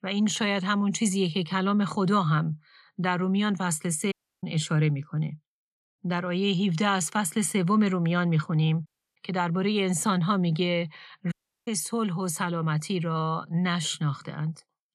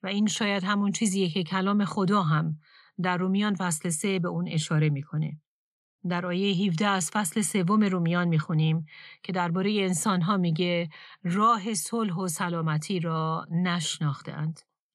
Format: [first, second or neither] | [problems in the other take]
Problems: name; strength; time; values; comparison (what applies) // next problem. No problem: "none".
second | audio cutting out; at 4 s, at 9 s and at 11 s